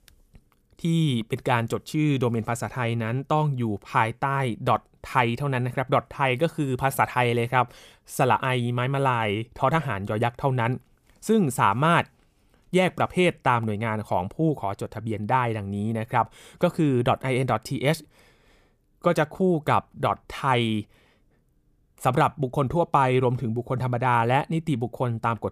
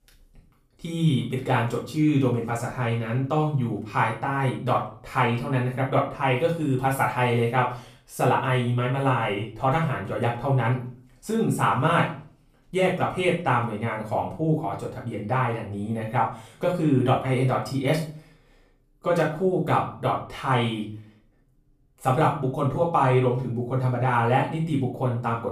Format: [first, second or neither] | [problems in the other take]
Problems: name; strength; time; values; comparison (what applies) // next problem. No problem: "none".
first | off-mic speech; far // room echo; slight; dies away in 0.4 s